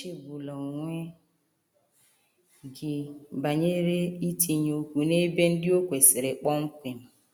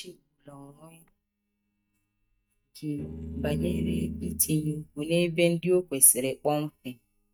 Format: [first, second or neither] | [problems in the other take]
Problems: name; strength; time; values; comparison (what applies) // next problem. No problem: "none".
first | noise reduction (neural mask model DeepFilterNet 3)